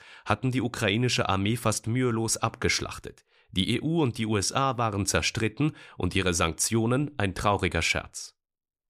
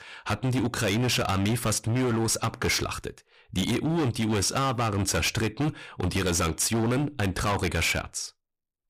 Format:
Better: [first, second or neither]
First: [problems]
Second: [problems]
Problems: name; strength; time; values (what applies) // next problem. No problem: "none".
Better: first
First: none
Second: distortion; heavy; 22% of the sound clipped